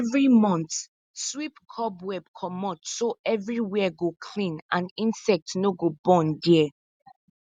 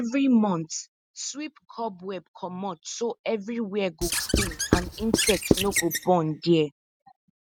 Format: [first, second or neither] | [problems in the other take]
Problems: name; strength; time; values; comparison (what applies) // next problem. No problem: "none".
first | noise reduction (neural mask model RNNoise)